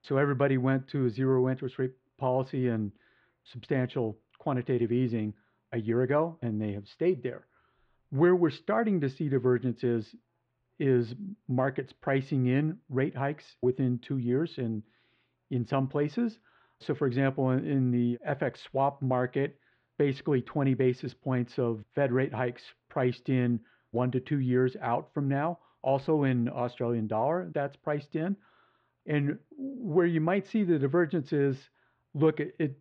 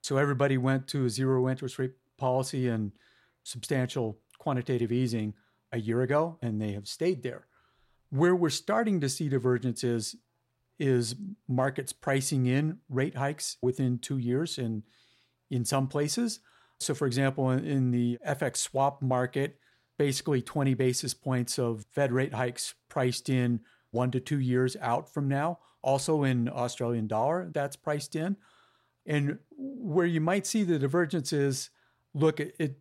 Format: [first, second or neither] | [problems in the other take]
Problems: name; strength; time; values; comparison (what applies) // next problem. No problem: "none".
second | muffled; very; fading above 3 kHz